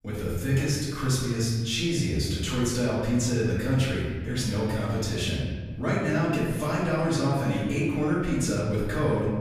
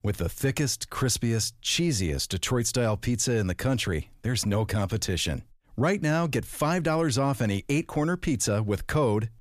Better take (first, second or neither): second